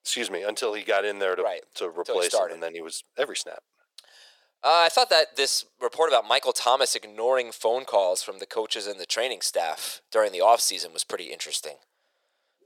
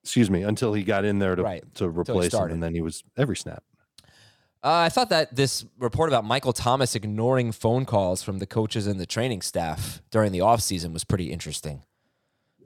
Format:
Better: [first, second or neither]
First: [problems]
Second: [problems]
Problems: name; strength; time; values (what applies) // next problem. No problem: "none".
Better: second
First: thin; very; fading below 500 Hz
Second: none